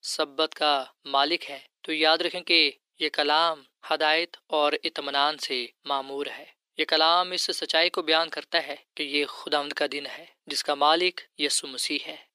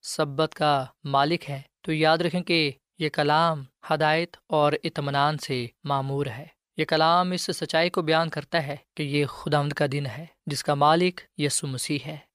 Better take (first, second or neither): second